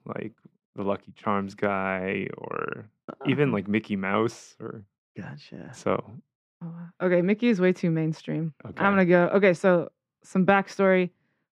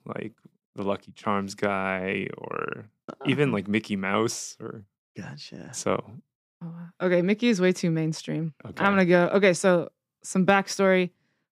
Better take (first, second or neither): second